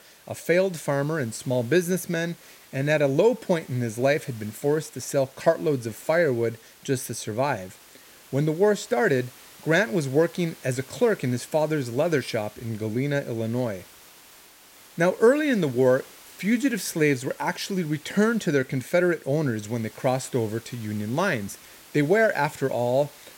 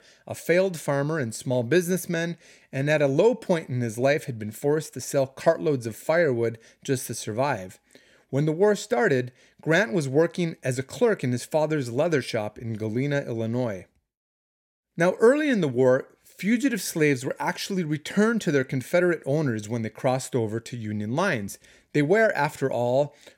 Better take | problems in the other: second | hiss; faint; throughout; 20 dB below the speech

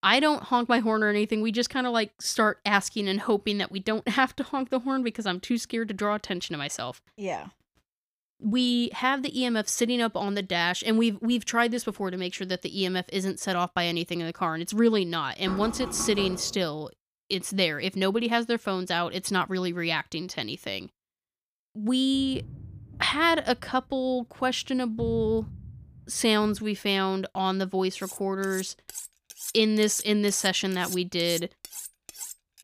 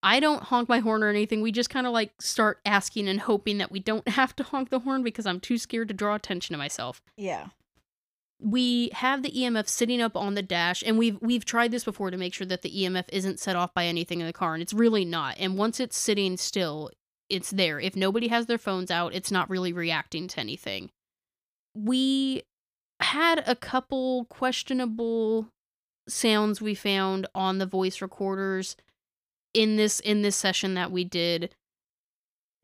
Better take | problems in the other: second | door banging; noticeable; from 15 to 17 s; peak 9 dB below the speech // footsteps; noticeable; from 22 to 27 s; peak 9 dB below the speech // clattering dishes; noticeable; from 28 s on; peak 9 dB below the speech

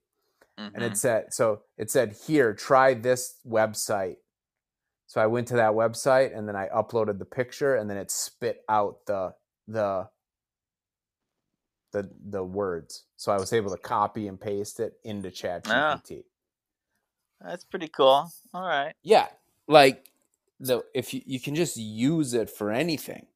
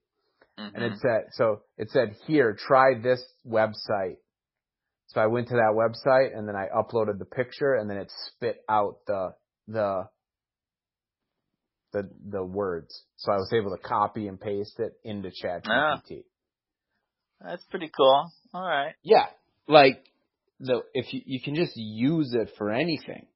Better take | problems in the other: first | garbled, watery; badly; nothing above 5.5 kHz

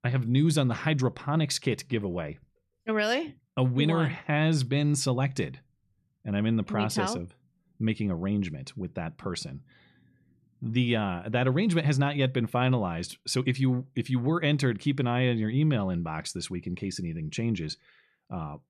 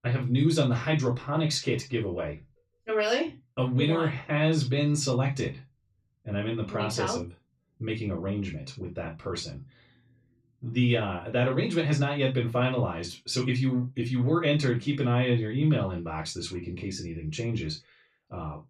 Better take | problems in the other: first | room echo; slight; dies away in 0.2 s // off-mic speech; far

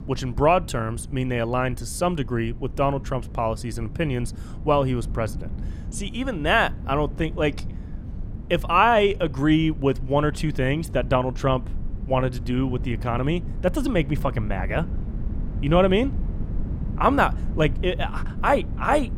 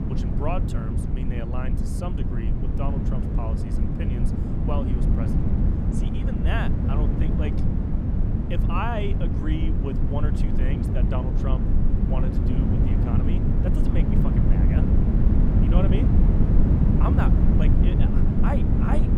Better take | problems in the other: first | wind noise on the microphone; heavy; 1 dB above the speech; occasional gusts in the first

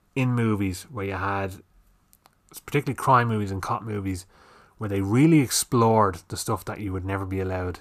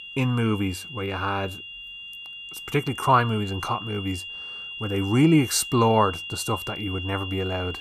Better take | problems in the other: first | high-pitched whine; loud; throughout; 3 kHz, 10 dB below the speech

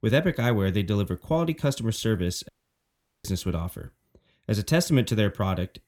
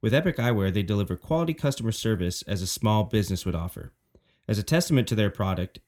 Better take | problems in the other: second | audio cutting out; at 2.5 s for 1 s

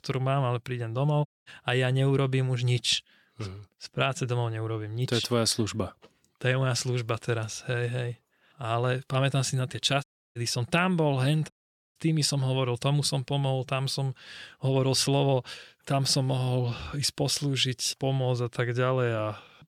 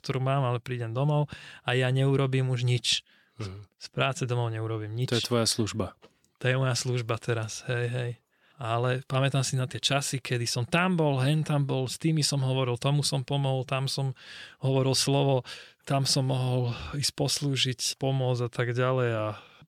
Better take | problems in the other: second | audio cutting out; at 1.5 s, at 10 s and at 12 s

